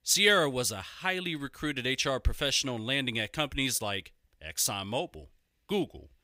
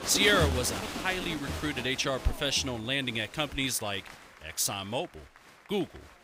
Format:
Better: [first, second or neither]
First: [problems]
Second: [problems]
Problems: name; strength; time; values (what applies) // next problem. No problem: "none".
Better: first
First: none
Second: crowd noise; loud; throughout; 7 dB below the speech